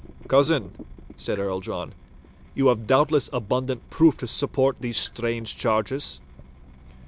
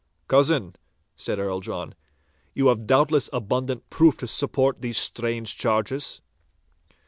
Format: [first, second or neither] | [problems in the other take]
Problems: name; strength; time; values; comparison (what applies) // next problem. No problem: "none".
second | background sound (Drip / Water tap, faucet); 20 dB below the speech